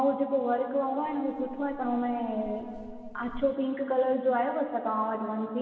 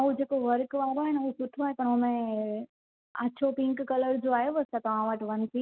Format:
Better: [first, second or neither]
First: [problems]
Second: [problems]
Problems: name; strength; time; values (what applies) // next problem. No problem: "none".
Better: second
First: background sound (Wind); 18 dB below the speech // room echo; dies away in 2.7 s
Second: none